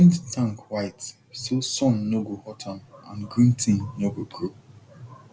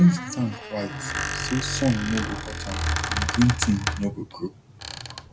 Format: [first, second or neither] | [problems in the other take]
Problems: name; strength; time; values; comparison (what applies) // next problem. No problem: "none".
first | background sound (Squeak); 4 dB below the speech